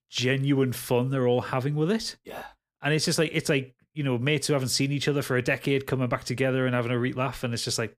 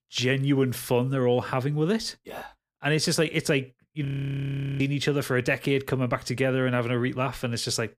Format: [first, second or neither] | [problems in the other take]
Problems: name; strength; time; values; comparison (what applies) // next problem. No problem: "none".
first | audio freezing; at 4 s for 1 s